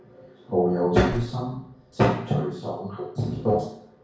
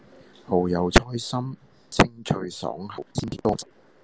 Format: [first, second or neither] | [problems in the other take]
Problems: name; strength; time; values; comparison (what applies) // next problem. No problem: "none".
second | background sound (Car); 16 dB below the speech // room echo; dies away in 0.6 s